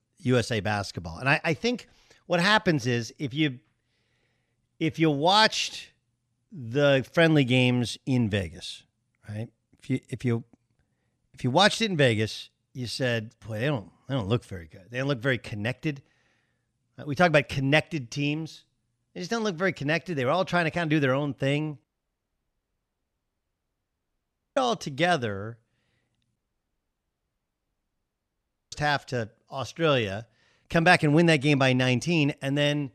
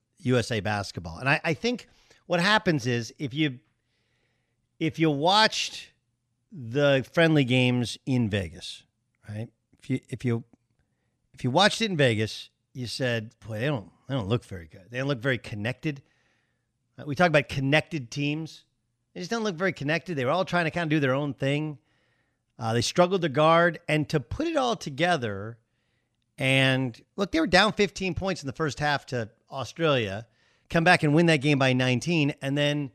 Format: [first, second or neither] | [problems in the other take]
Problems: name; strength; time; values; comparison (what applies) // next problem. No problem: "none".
second | audio cutting out; at 22 s for 2.5 s and at 26 s for 2.5 s